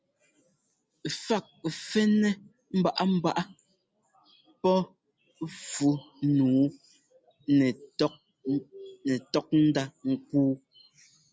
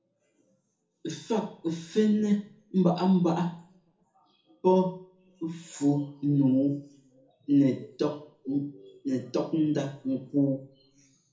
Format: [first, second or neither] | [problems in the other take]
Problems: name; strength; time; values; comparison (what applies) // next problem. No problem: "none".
first | room echo; dies away in 0.6 s